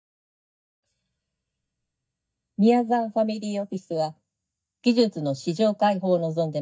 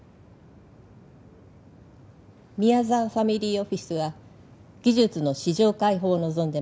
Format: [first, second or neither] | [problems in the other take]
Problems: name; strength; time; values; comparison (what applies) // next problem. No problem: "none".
second | noise reduction (neural mask model DeepFilterNet 3)